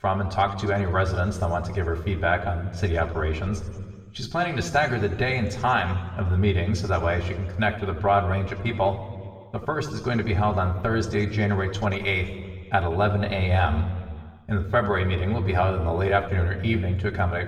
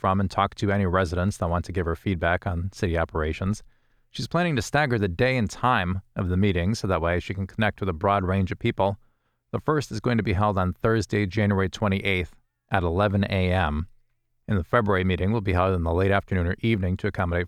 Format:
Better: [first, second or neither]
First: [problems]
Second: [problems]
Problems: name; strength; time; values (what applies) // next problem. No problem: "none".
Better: second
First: room echo; slight; dies away in 1.4 s // off-mic speech; somewhat distant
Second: none